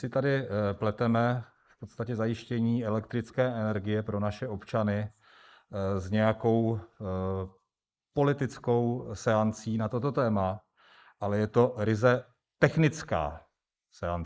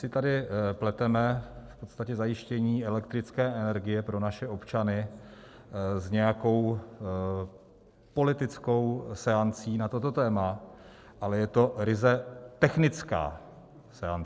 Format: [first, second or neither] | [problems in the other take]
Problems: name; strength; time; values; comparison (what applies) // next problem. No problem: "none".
second | noise reduction (neural mask model Resemble Enhance denoiser)